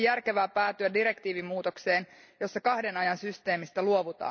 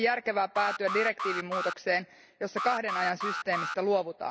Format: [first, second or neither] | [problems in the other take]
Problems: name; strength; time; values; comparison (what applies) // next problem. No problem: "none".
first | background sound (Alarm); 5 dB below the speech